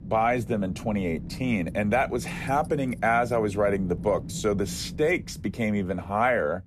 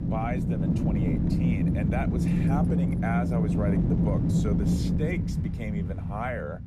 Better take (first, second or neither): first